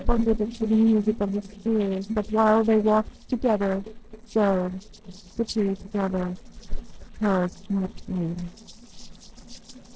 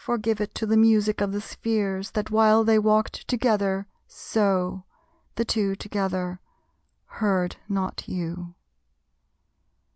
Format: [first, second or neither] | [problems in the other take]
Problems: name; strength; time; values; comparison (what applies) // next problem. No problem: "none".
second | noise reduction (neural separator model SepFormer DNS4)